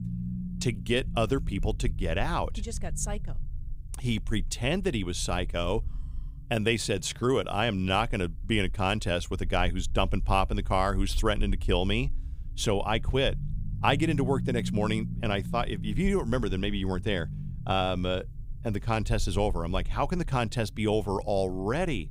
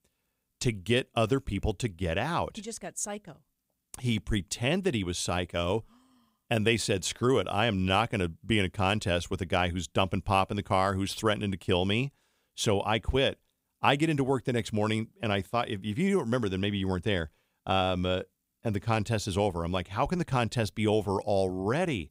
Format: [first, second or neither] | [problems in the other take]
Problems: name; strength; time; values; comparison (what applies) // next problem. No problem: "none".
second | low rumble; faint; throughout; 20 dB below the speech